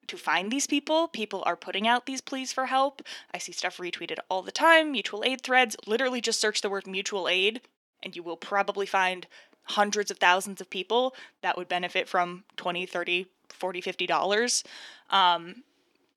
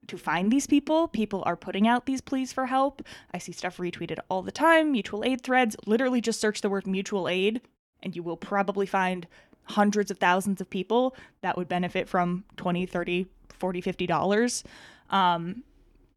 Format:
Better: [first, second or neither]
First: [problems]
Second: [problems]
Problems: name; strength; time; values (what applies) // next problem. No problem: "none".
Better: second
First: thin; somewhat; fading below 400 Hz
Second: none